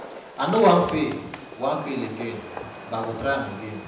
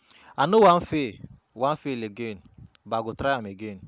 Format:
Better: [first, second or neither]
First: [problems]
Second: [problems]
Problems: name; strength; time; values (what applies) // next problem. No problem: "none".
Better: second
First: background sound (Fireworks); 14 dB below the speech // room echo; dies away in 0.8 s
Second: none